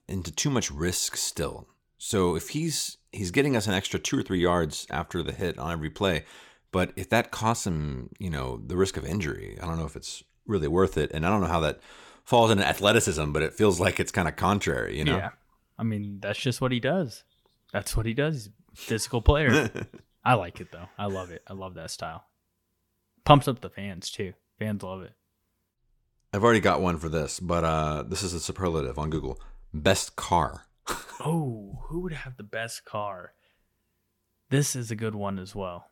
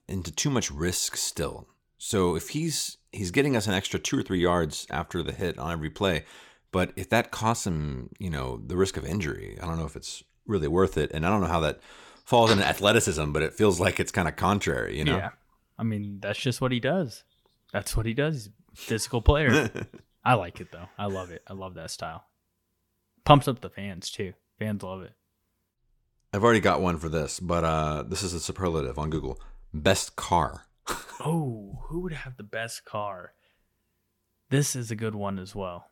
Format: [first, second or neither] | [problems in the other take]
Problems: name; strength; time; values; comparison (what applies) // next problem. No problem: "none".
first | door banging; noticeable; at 12 s; peak 3 dB below the speech